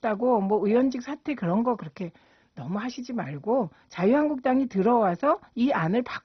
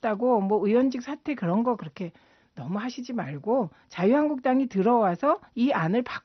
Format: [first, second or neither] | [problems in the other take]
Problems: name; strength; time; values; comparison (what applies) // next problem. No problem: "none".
second | garbled, watery; badly; nothing above 6 kHz; slightly in the second